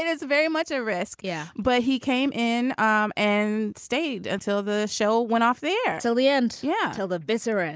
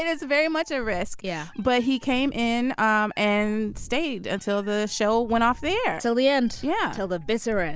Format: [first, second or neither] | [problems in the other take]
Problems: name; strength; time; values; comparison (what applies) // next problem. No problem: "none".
first | background sound (Meow); 13 dB below the speech